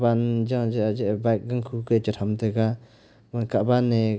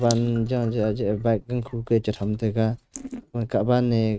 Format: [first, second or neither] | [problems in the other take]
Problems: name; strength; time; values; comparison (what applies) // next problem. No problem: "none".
first | noise reduction (neural mask model RNNoise)